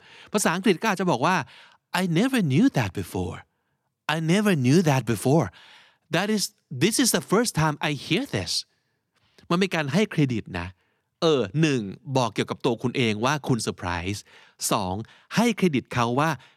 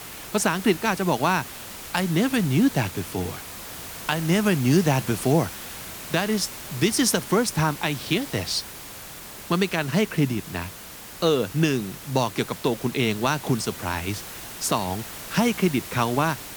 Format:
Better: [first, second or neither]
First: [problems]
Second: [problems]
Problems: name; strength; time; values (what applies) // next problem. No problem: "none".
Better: first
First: none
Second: hiss; noticeable; throughout; 10 dB below the speech